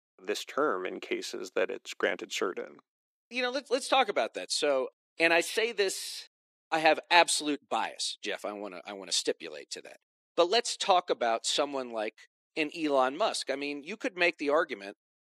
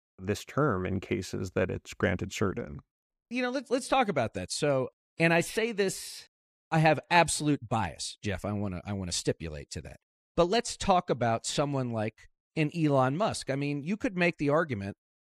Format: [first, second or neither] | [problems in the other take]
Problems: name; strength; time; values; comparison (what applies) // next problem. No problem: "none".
second | thin; somewhat; fading below 300 Hz